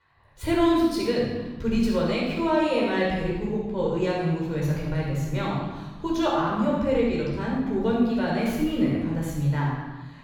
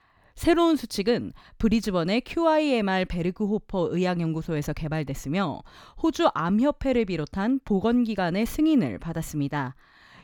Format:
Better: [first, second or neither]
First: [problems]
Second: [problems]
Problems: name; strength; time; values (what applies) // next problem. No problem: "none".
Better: second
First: off-mic speech; far // room echo; strong; dies away in 1.1 s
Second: none